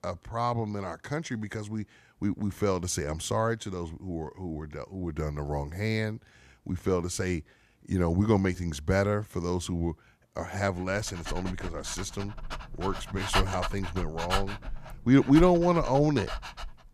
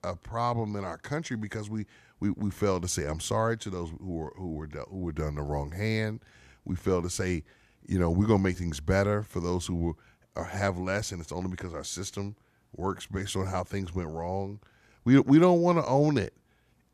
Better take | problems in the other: second | dog barking; loud; from 11 s on; peak level with the speech

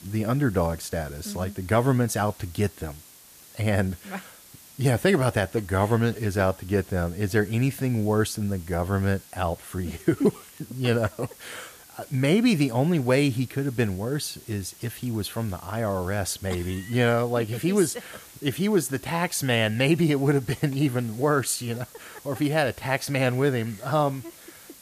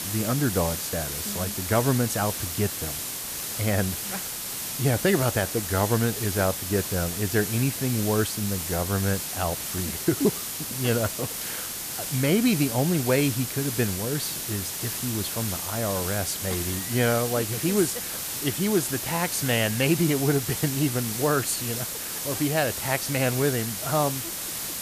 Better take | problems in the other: first | hiss; loud; throughout; 3 dB below the speech; faint in the first

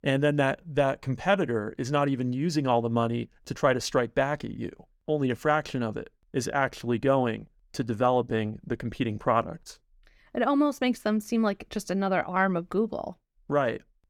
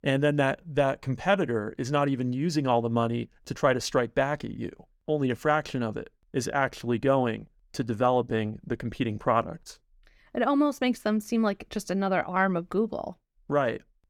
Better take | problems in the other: neither | none

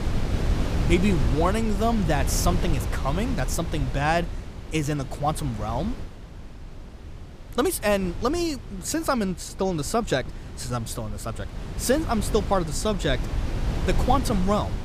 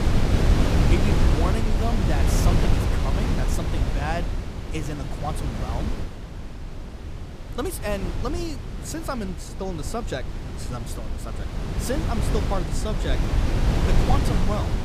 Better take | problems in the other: first | wind noise on the microphone; heavy; as loud as the speech; occasional gusts in the first

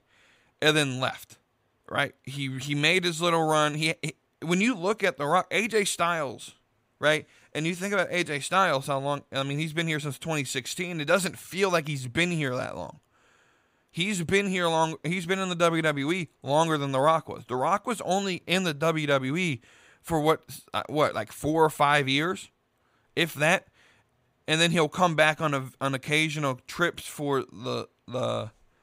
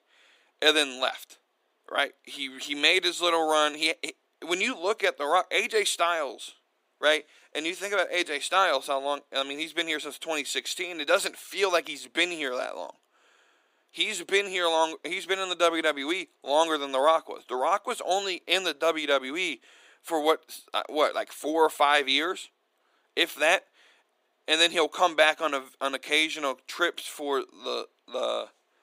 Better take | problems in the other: first | thin; somewhat; fading below 300 Hz

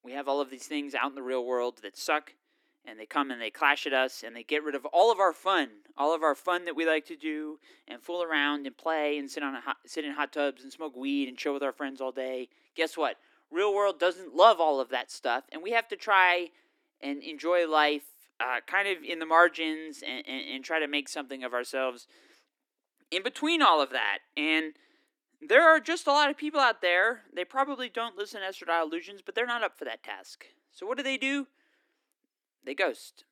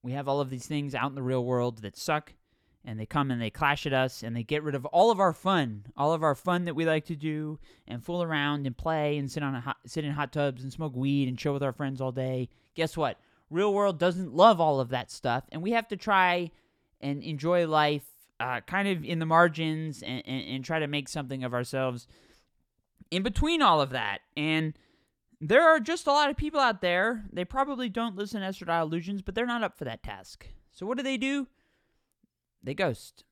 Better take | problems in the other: second | thin; somewhat; fading below 300 Hz

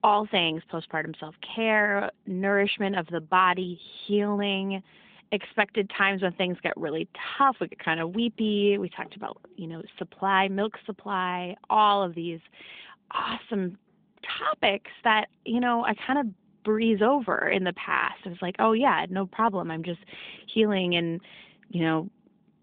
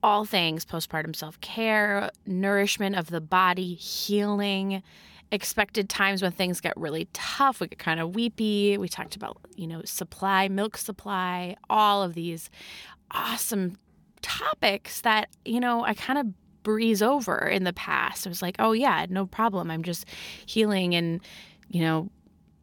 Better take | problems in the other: second | phone-call audio

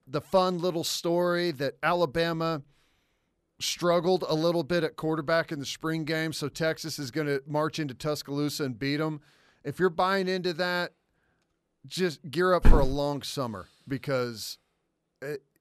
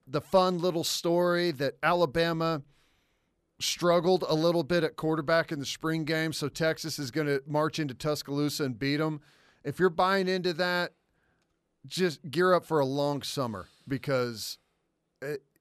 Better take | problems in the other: second | footsteps; loud; at 13 s; peak 3 dB above the speech

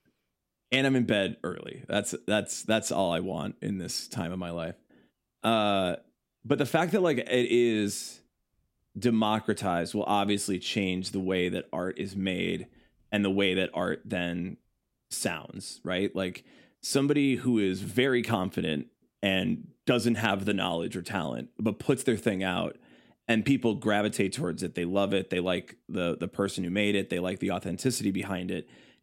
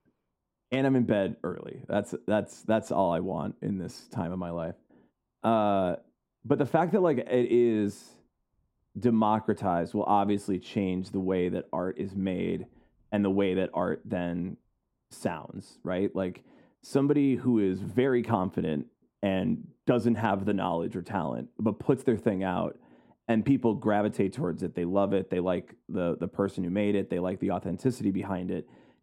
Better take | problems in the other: first | muffled; very; fading above 1.5 kHz

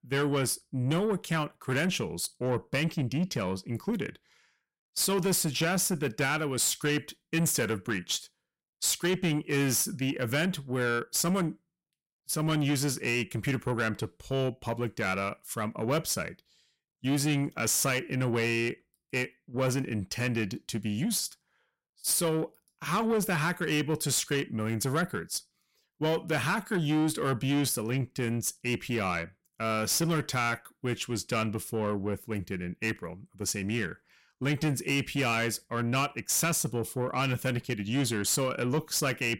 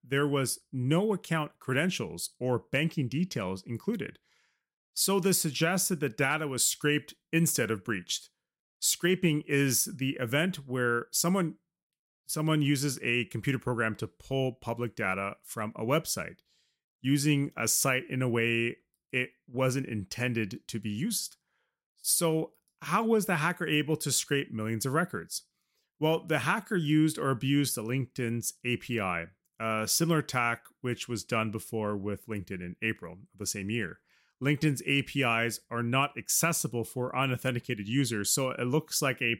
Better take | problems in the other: second | distortion; slight; 10 dB below the speech

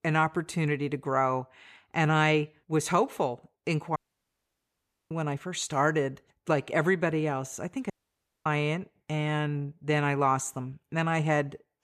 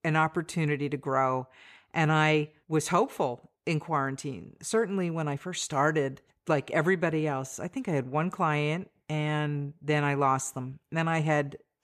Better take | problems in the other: second | audio cutting out; at 4 s for 1 s and at 8 s for 0.5 s

